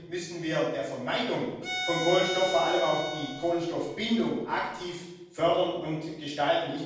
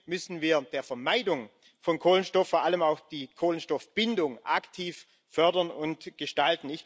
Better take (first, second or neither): second